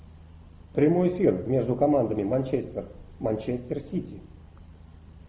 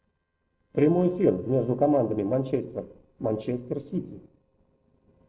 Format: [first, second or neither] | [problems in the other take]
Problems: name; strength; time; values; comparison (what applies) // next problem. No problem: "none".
first | noise reduction (neural separator model SepFormer DNS4)